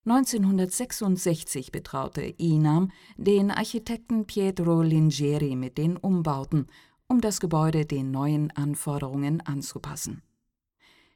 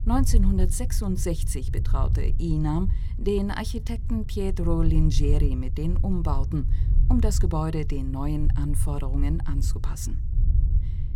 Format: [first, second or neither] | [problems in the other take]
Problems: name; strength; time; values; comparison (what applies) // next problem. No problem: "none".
first | low rumble; noticeable; throughout; 10 dB below the speech